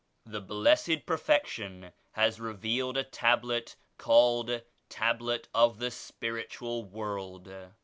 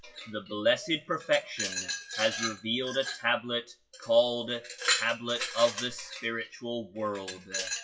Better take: first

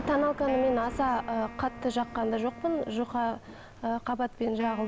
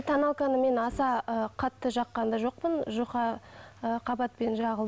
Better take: second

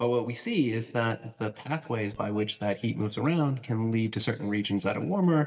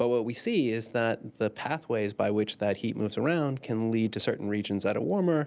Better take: second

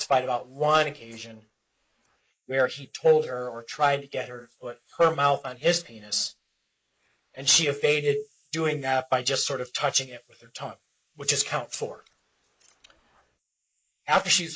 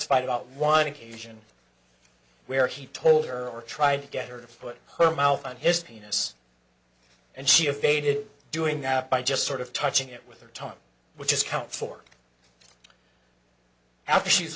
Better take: second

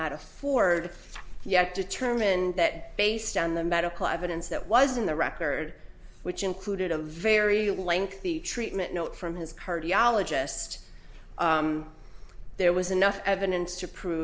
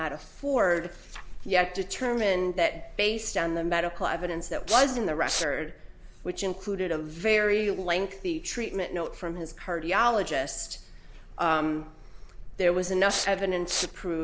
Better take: first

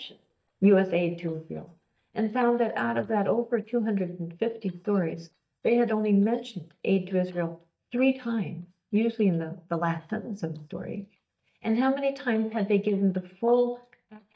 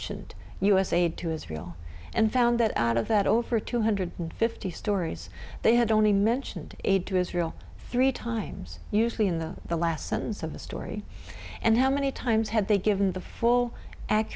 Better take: second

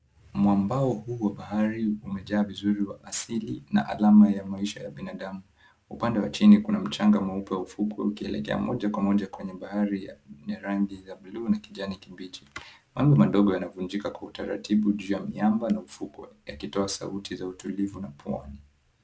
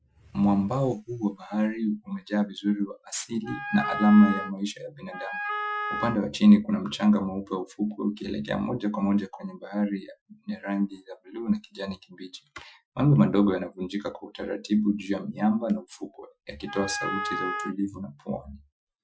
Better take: first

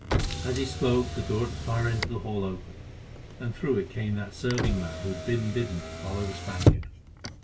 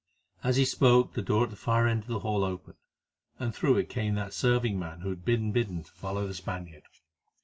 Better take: second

